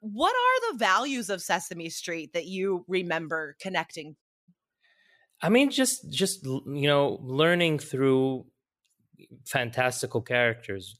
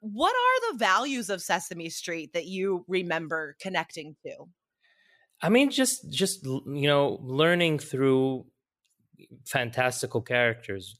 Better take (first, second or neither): second